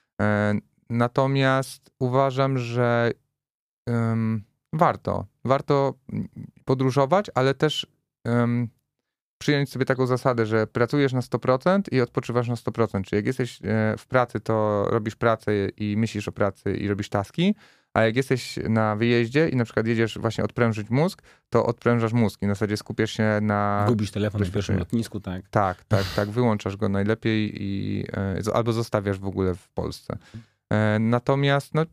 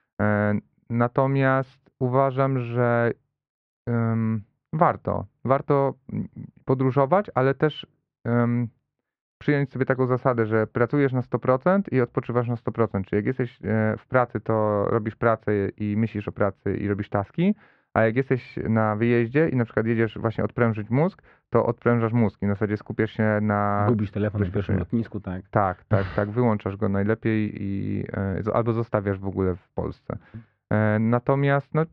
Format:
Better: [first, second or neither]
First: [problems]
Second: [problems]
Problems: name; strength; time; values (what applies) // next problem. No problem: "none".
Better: first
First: none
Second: muffled; very; fading above 2 kHz